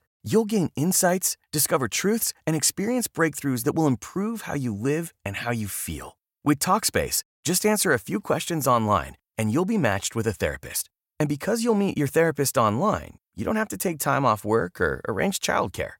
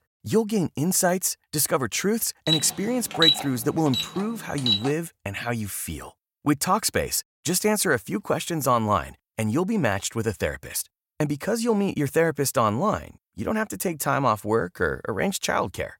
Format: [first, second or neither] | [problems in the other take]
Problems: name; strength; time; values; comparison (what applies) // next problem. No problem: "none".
first | alarm; loud; from 2.5 to 5 s; peak 6 dB above the speech